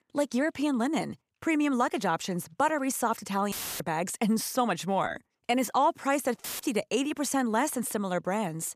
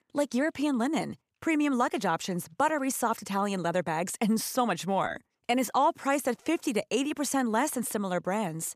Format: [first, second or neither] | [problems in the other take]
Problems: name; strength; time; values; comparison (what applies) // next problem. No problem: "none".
second | audio cutting out; filled with static; at 3.5 s and at 6.5 s